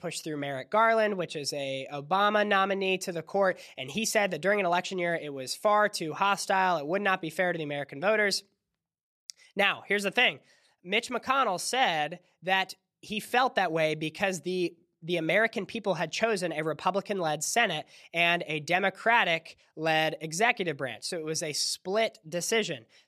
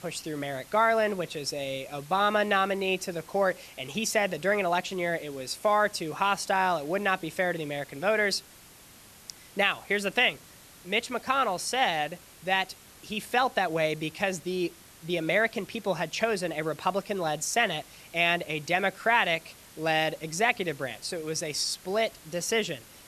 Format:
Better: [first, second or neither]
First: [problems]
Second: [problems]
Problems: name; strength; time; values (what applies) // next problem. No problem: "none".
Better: first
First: none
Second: hiss; faint; throughout; 20 dB below the speech